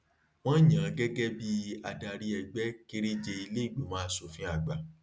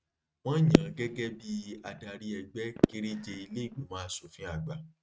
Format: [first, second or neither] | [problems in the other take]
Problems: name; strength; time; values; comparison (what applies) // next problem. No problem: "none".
first | noise reduction (neural mask model RNNoise)